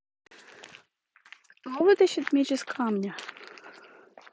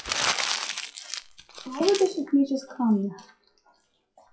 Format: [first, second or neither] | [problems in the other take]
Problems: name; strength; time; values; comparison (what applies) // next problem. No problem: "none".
first | noise reduction (classical method WPE with log-MMSE)